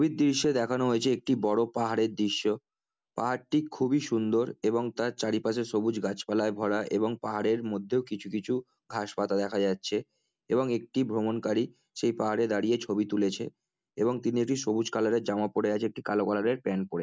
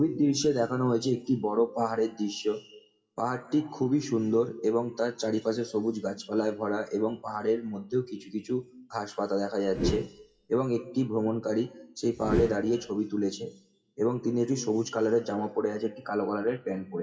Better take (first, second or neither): first